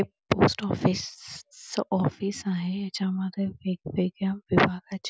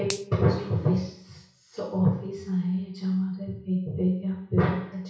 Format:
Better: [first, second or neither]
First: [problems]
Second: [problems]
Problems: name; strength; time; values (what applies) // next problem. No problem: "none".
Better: first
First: none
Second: background sound (Finger snapping); 15 dB below the speech // room echo; dies away in 0.6 s